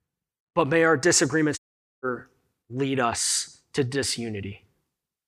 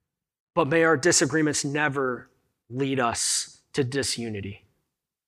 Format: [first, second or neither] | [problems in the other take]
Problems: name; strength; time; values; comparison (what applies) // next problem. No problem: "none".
second | audio cutting out; at 1.5 s